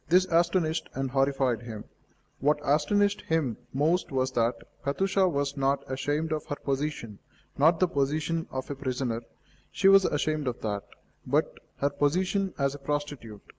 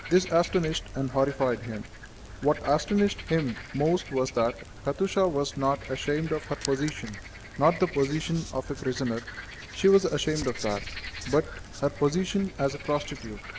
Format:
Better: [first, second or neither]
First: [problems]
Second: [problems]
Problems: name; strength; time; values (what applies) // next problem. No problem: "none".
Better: first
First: none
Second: background sound (Frog); 13 dB below the speech